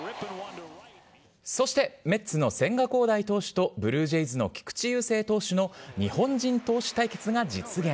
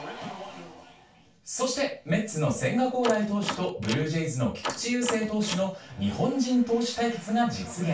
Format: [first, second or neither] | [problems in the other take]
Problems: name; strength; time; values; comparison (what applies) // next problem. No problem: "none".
first | background sound (Door); 9 dB below the speech // room echo; dies away in 0.2 s